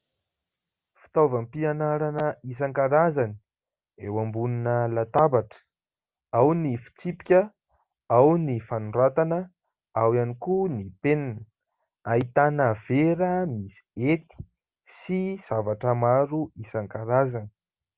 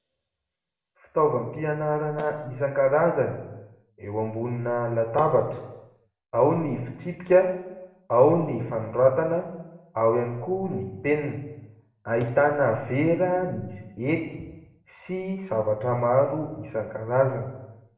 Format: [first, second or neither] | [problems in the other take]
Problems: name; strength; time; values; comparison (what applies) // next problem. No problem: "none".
first | room echo; dies away in 0.9 s